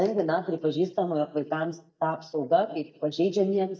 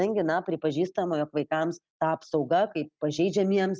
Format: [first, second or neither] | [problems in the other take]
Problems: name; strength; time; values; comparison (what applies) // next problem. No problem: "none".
second | noise reduction (neural mask model DeepFilterNet 3)